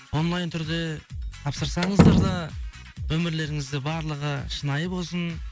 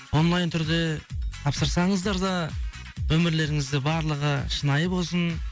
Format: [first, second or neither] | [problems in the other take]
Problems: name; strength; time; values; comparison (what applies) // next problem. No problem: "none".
second | background sound (Slam); 5 dB above the speech